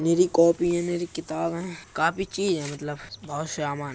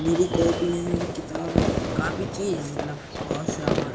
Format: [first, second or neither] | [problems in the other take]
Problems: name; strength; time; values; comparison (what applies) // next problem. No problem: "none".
first | background sound (Fireworks); 1 dB above the speech // room echo; dies away in 0.4 s